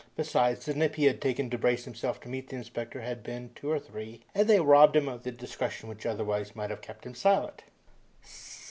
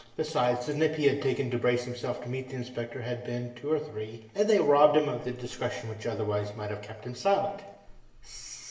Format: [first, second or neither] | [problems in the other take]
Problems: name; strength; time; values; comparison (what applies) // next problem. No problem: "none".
first | room echo; dies away in 0.9 s